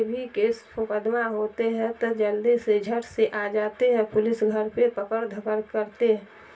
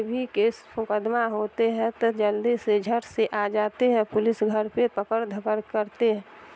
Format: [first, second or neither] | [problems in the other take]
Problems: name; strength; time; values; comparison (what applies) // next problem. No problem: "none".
second | room echo; dies away in 0.2 s